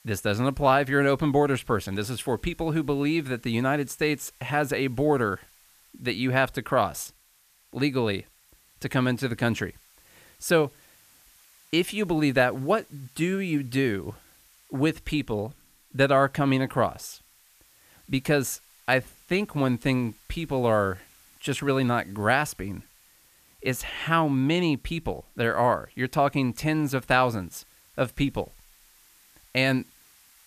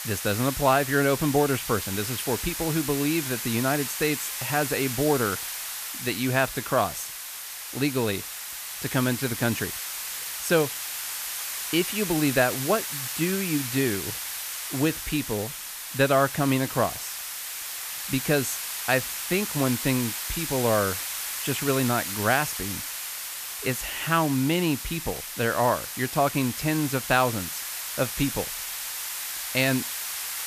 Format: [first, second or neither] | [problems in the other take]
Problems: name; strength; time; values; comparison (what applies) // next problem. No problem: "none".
first | hiss; loud; throughout; 5 dB below the speech; faint in the first